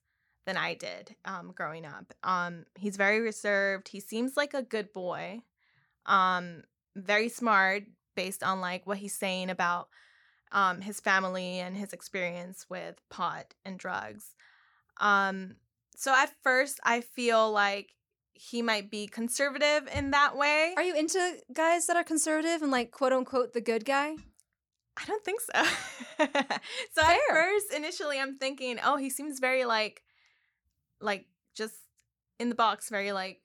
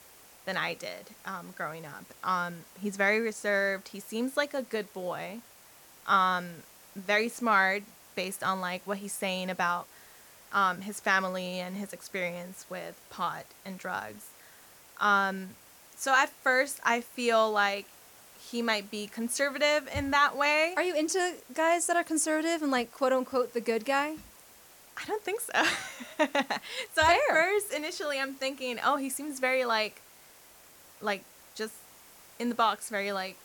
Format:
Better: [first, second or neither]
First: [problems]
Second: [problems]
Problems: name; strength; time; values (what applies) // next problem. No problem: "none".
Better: first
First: none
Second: hiss; faint; throughout; 25 dB below the speech